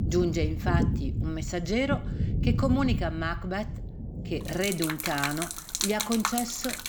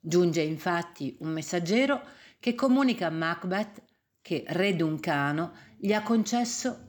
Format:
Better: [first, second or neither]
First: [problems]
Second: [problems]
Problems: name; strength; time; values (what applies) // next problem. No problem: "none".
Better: second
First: rain or running water; loud; throughout; 1 dB below the speech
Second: none